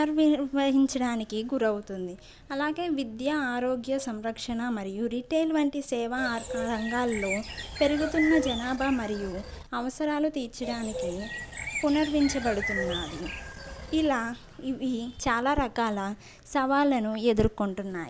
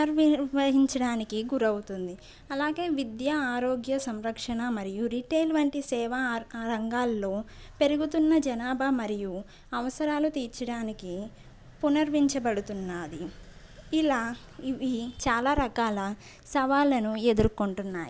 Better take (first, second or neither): second